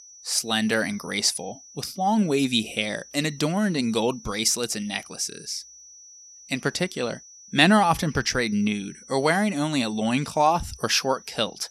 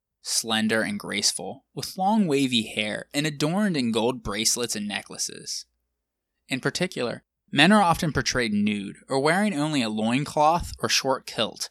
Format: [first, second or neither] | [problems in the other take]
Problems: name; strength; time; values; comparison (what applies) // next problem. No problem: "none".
second | high-pitched whine; faint; throughout; 6 kHz, 20 dB below the speech